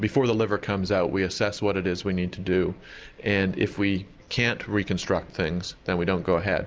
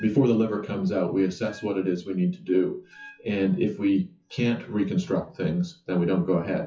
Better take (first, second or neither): first